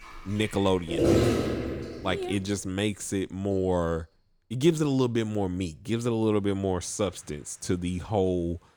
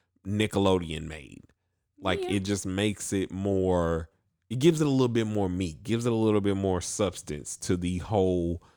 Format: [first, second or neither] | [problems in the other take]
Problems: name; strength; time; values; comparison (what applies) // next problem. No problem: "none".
second | rain or running water; very loud; throughout; 1 dB above the speech